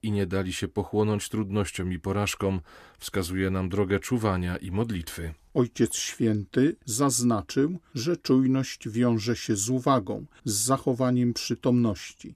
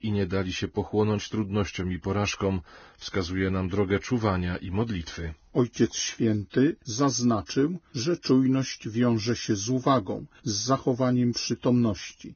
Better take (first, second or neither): first